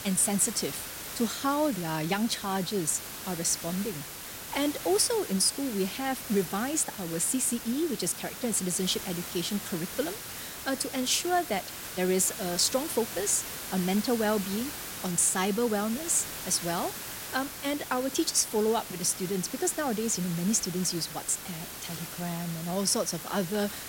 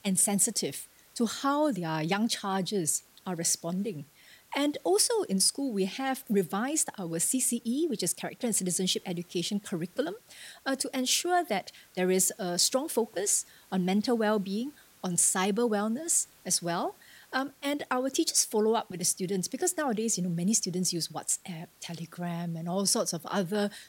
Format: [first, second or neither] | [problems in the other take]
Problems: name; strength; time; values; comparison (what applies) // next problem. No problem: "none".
second | hiss; loud; throughout; 9 dB below the speech; faint in the second